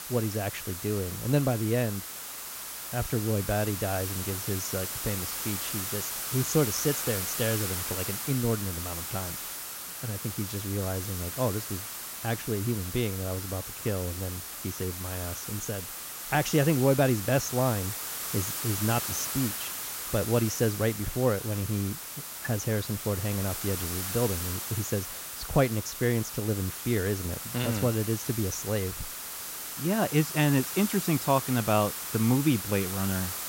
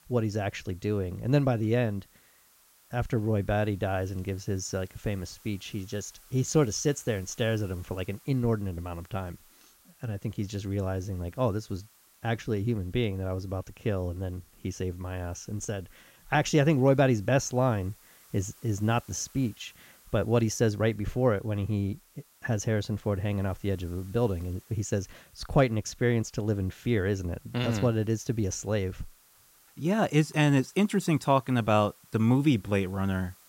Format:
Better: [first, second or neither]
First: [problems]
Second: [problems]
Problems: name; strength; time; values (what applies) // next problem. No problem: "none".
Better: second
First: hiss; loud; throughout; 4 dB below the speech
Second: hiss; faint; throughout; 25 dB below the speech